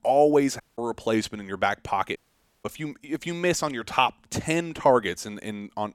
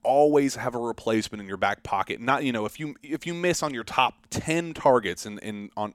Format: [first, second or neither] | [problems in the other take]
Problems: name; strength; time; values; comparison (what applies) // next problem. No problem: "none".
second | audio cutting out; at 0.5 s and at 2 s